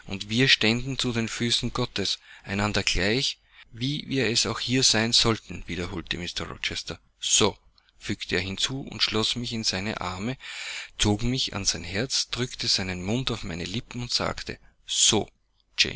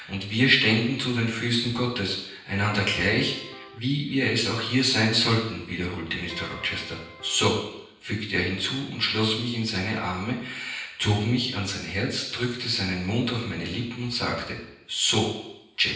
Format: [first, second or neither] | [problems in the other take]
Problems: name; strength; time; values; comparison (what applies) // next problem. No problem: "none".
first | background sound (Electric guitar); 16 dB below the speech // room echo; dies away in 0.9 s